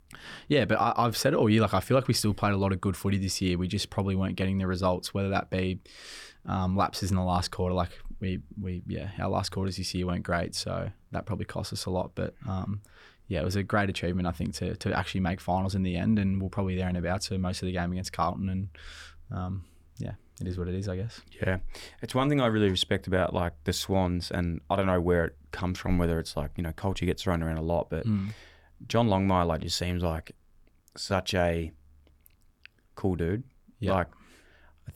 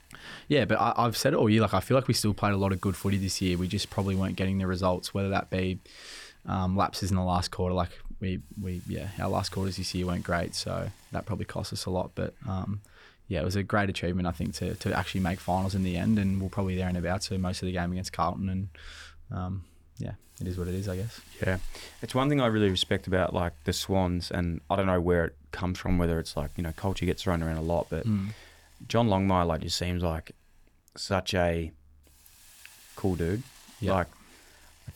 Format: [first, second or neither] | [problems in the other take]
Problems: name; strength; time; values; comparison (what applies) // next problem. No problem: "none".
first | hiss; faint; throughout; 25 dB below the speech